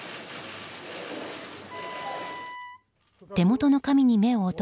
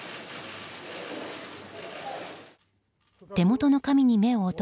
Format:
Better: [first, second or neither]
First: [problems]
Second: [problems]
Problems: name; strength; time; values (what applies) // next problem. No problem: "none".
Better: second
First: background sound (Wind instrument, woodwind instrument); 15 dB below the speech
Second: none